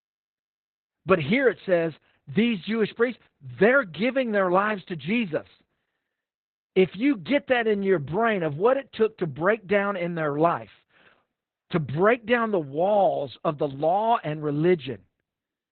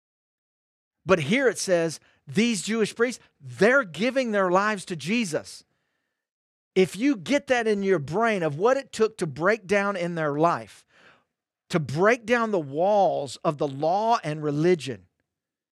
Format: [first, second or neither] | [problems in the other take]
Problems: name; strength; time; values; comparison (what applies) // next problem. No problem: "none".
second | garbled, watery; badly; nothing above 4 kHz